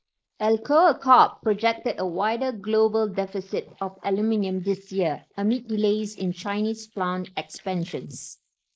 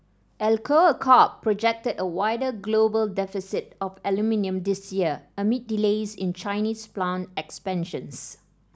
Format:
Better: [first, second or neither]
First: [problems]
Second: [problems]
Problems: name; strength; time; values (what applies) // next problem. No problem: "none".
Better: second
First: noise reduction (neural mask model Resemble Enhance denoiser)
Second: none